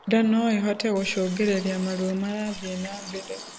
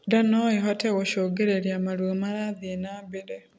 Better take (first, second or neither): second